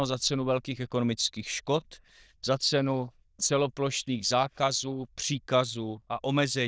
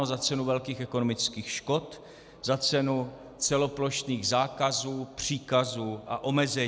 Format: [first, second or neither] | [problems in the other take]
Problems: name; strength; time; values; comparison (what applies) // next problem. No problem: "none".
second | noise reduction (neural diffusion model UNIVERSE++)